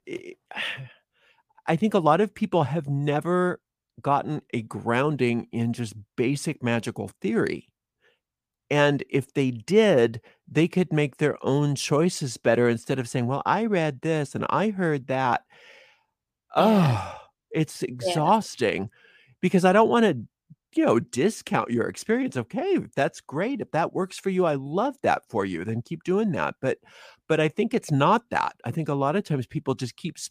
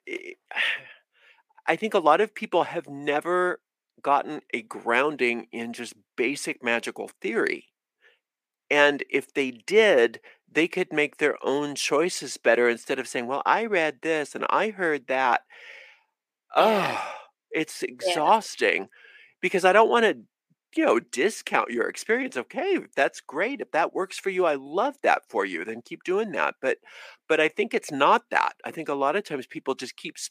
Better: first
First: none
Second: thin; somewhat; fading below 300 Hz

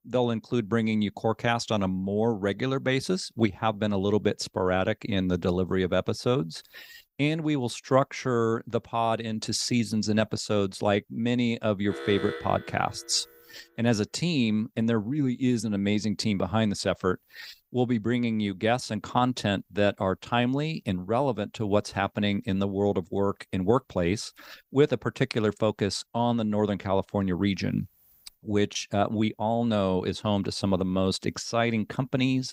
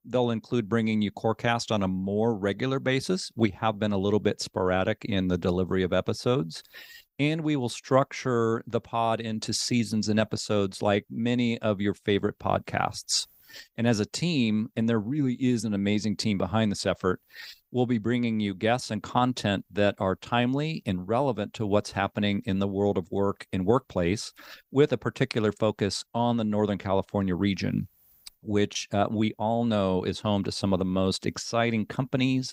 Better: second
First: alarm; noticeable; from 12 to 13 s; peak 7 dB below the speech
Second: none

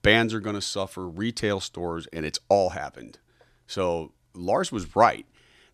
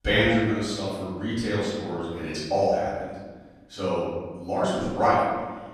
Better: first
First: none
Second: off-mic speech; far // room echo; strong; dies away in 1.4 s

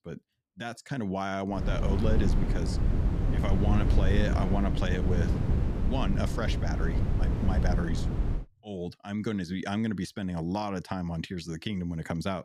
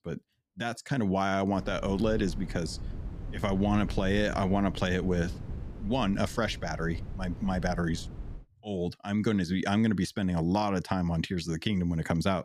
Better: second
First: wind noise on the microphone; heavy; from 1.5 to 8.5 s; 4 dB below the speech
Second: wind noise on the microphone; occasional gusts; from 1.5 to 8.5 s; 20 dB below the speech

